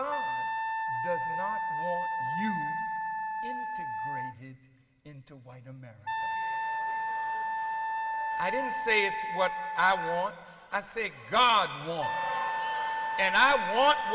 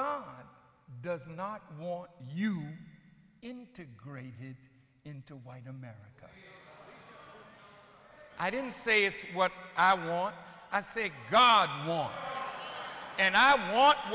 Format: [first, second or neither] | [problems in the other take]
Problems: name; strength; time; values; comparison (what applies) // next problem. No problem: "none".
second | background sound (Wind instrument, woodwind instrument); 2 dB below the speech // room echo; dies away in 0.3 s